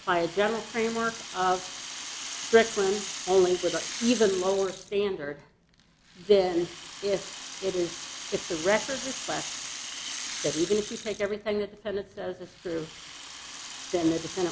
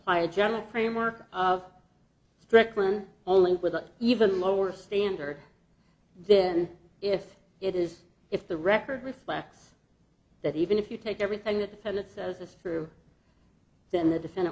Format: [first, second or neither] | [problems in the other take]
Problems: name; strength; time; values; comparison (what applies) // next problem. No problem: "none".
second | background sound (Rattle (instrument)); 10 dB below the speech